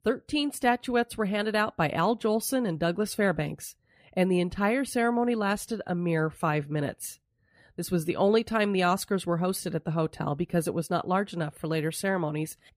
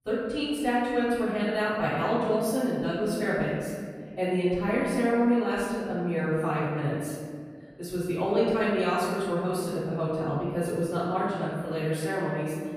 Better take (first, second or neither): first